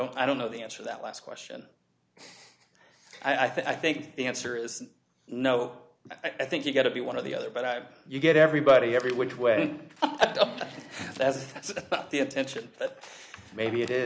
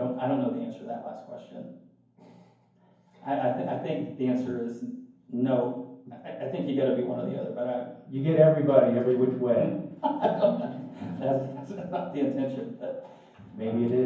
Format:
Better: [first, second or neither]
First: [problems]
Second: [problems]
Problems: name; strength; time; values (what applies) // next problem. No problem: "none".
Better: first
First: none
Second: room echo; dies away in 0.9 s